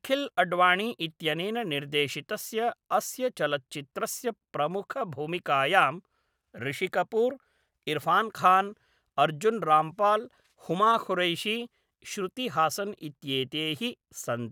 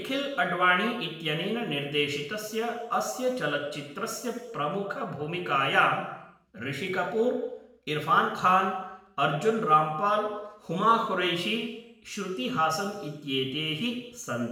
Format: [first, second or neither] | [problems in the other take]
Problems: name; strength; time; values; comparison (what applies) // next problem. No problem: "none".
first | room echo; dies away in 0.9 s